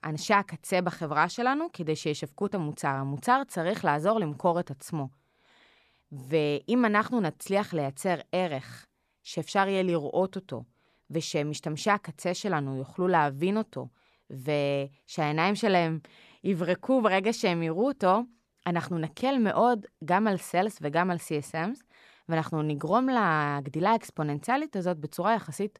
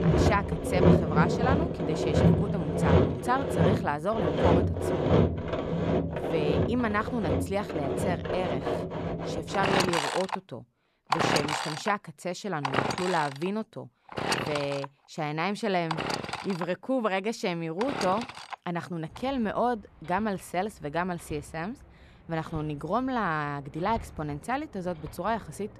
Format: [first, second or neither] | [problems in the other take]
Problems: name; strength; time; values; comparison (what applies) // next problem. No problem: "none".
first | machinery noise; very loud; throughout; 3 dB above the speech